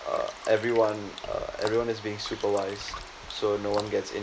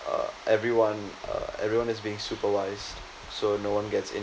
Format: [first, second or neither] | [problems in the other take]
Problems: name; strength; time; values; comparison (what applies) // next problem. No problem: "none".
second | background sound (Drip); 15 dB below the speech